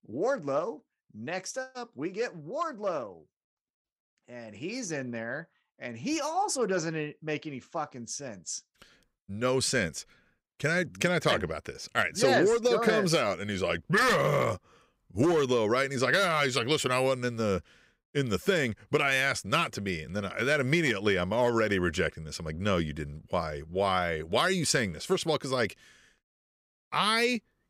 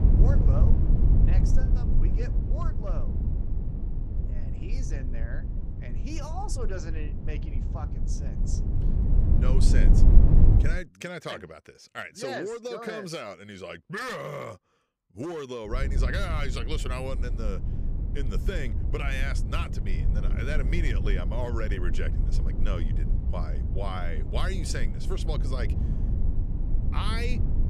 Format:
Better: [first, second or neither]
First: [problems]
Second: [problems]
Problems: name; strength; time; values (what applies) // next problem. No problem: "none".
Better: first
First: none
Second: low rumble; loud; until 11 s and from 16 s on; 6 dB below the speech